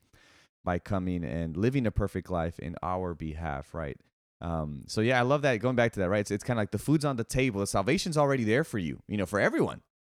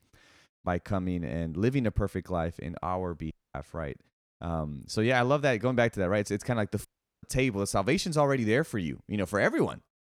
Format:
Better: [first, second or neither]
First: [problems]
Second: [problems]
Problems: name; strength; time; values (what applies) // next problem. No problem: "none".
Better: first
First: none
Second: audio cutting out; at 3.5 s and at 7 s